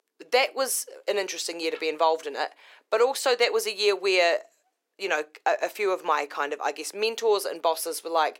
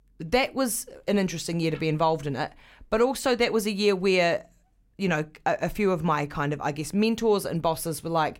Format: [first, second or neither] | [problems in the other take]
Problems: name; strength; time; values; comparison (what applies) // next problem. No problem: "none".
second | thin; very; fading below 400 Hz